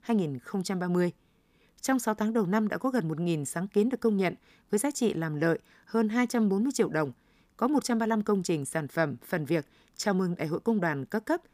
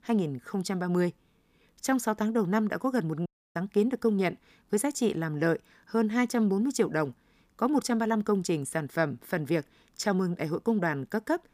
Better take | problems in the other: first | audio cutting out; at 3.5 s

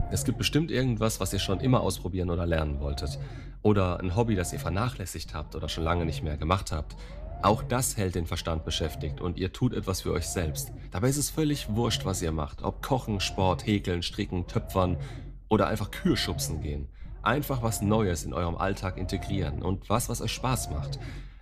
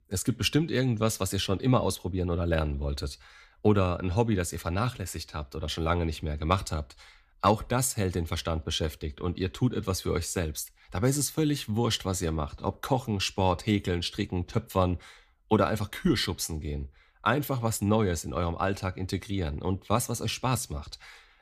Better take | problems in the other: second | low rumble; noticeable; throughout; 15 dB below the speech

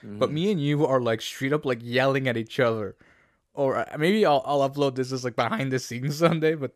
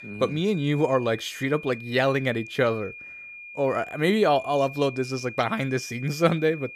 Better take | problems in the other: first | high-pitched whine; noticeable; throughout; 2.5 kHz, 15 dB below the speech

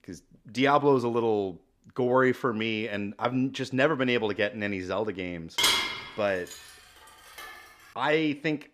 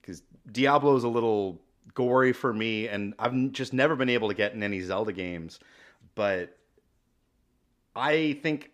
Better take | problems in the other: second | clattering dishes; loud; at 5.5 s; peak 5 dB above the speech

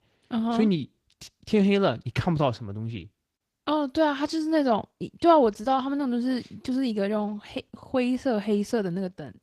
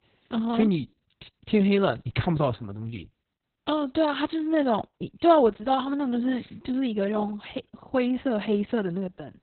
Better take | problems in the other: first | garbled, watery; badly; nothing above 4 kHz; slightly in the first

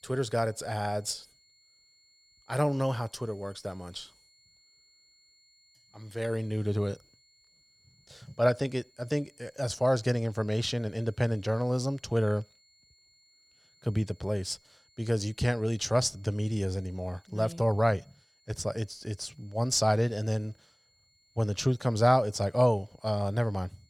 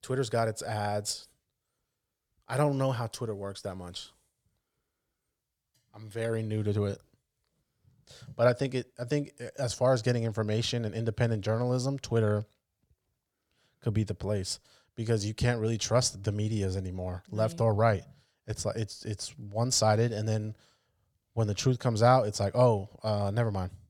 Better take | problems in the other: second | high-pitched whine; faint; throughout; 4.5 kHz, 30 dB below the speech

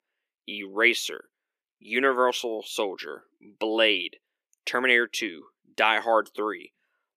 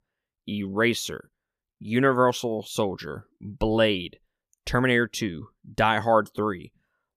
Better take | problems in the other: second | thin; somewhat; fading below 300 Hz

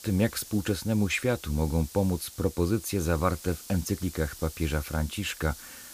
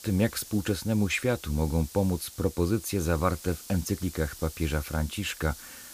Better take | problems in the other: neither | hiss; noticeable; throughout; 15 dB below the speech; the same in both

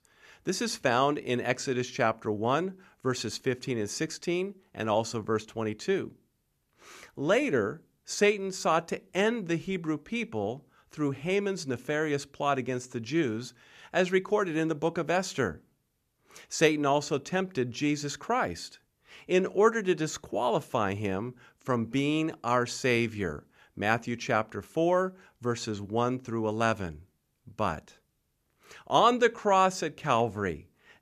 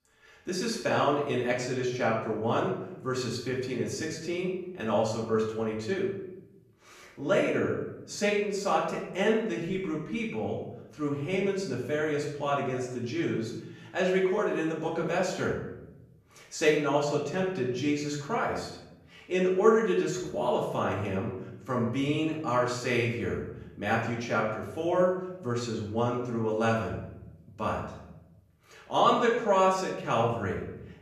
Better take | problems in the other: first | off-mic speech; far // room echo; noticeable; dies away in 0.8 s

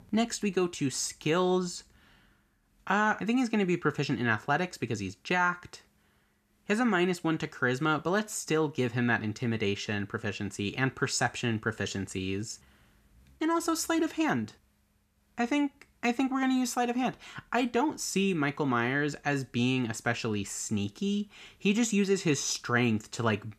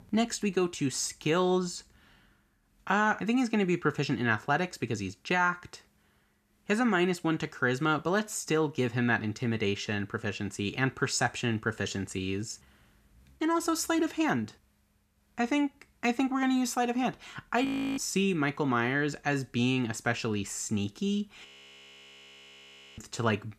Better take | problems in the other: first | audio freezing; at 18 s and at 21 s for 1.5 s

